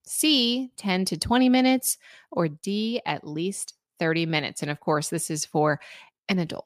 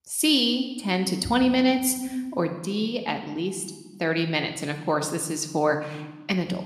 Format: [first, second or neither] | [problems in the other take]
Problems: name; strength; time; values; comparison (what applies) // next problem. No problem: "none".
first | room echo; slight; dies away in 1 s